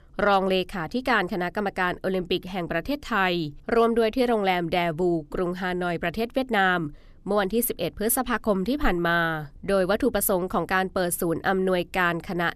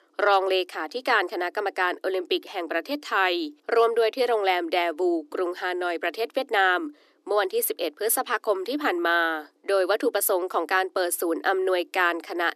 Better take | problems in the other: first | thin; somewhat; fading below 300 Hz

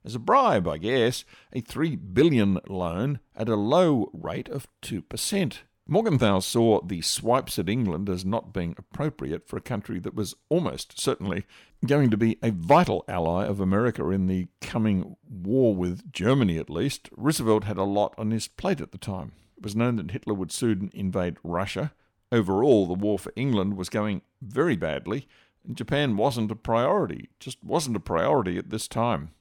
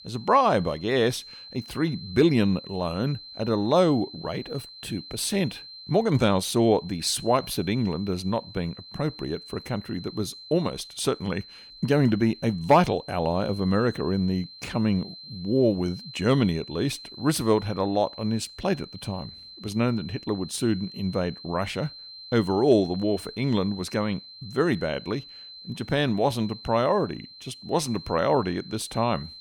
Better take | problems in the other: first | high-pitched whine; noticeable; throughout; 4 kHz, 15 dB below the speech

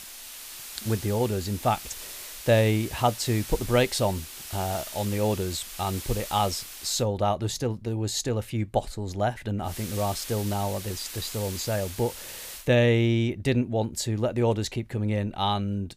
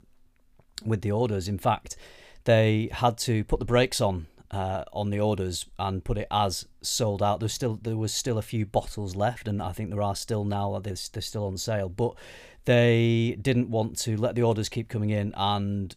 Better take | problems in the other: second | hiss; noticeable; until 7 s and from 9.5 to 13 s; 10 dB below the speech

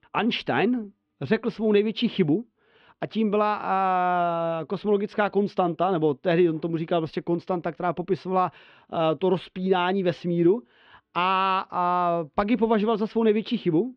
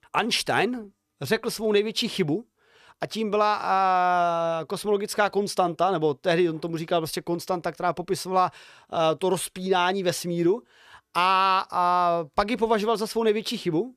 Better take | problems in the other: second | muffled; slightly; fading above 3 kHz

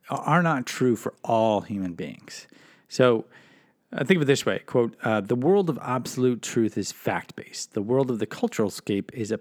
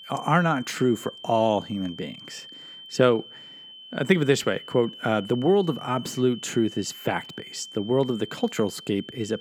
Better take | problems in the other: first | high-pitched whine; noticeable; throughout; 3 kHz, 15 dB below the speech

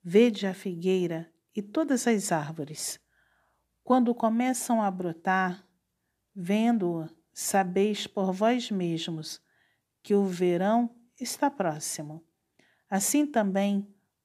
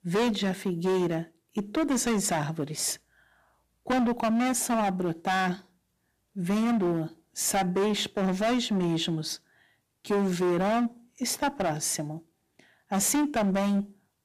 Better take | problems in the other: first | distortion; heavy; 16% of the sound clipped

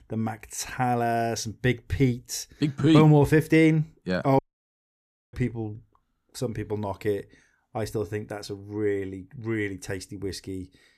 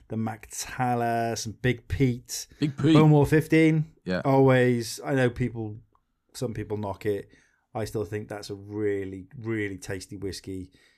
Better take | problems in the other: second | audio cutting out; at 4.5 s for 1 s

